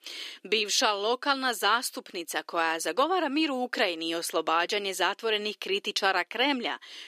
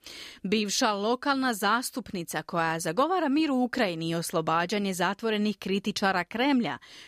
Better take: second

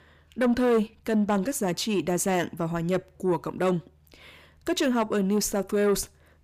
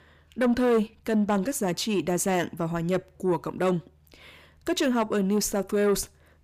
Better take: neither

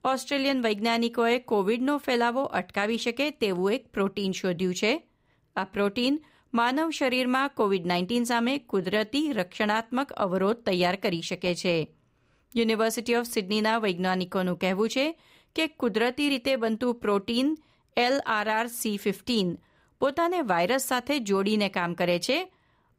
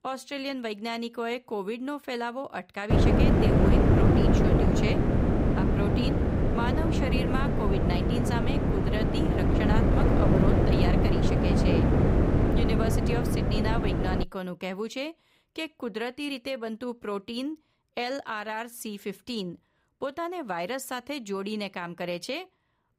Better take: first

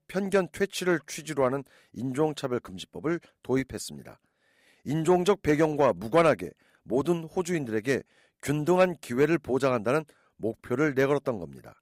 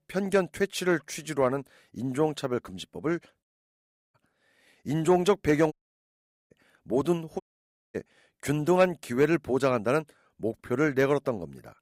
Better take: first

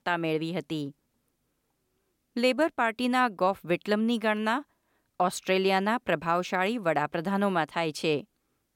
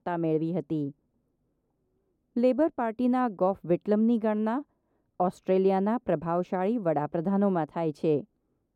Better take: first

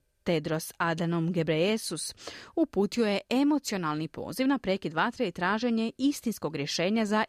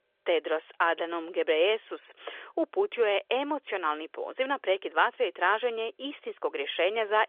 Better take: first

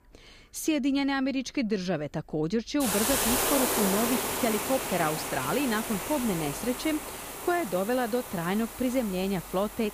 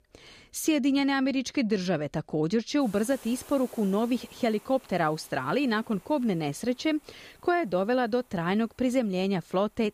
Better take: second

